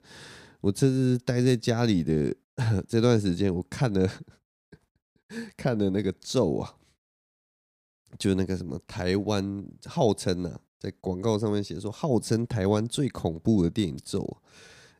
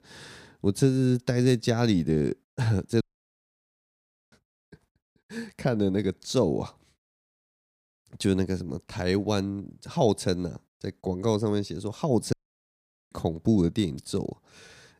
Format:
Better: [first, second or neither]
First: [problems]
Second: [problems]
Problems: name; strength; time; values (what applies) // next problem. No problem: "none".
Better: first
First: none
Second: audio cutting out; at 3 s for 1.5 s and at 12 s for 1 s